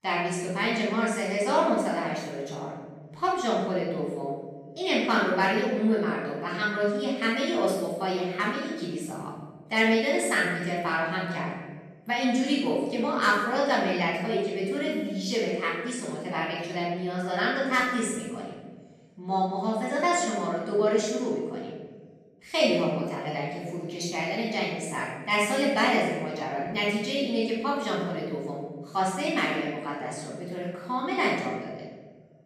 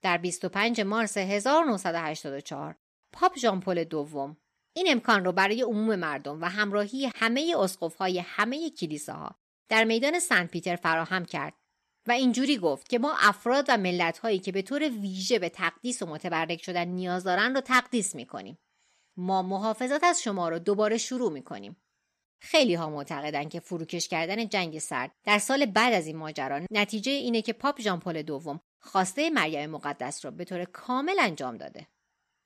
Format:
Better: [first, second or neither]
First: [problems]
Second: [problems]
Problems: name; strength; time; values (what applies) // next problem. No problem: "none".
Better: second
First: off-mic speech; far // room echo; strong; dies away in 1.4 s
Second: none